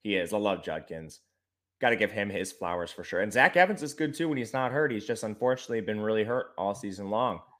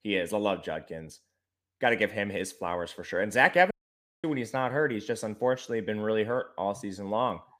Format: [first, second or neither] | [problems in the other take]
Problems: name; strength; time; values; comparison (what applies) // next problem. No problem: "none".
first | audio cutting out; at 3.5 s for 0.5 s